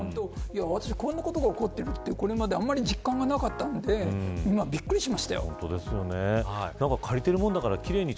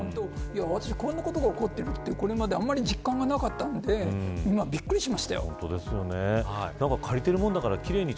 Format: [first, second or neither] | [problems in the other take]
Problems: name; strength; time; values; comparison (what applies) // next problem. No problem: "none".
first | background sound (Bowed string instrument); 17 dB below the speech